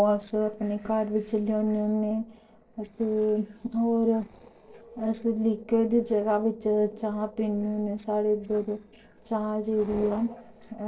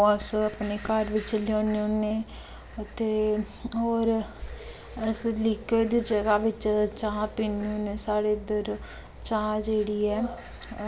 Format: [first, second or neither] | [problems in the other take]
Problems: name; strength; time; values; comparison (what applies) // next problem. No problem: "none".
second | noise reduction (neural separator model SepFormer DNS4)